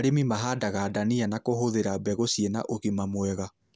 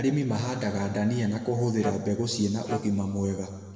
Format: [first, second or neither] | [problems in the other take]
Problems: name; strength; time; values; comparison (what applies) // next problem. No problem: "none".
first | background sound (Wind instrument, woodwind instrument); 10 dB below the speech // room echo; dies away in 1.9 s